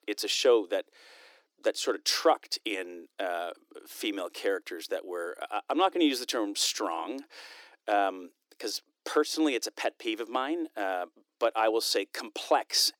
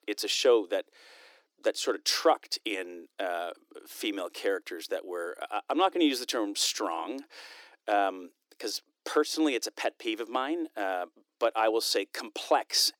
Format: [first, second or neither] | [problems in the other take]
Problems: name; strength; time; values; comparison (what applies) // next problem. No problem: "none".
neither | thin; somewhat; fading below 300 Hz; the same in both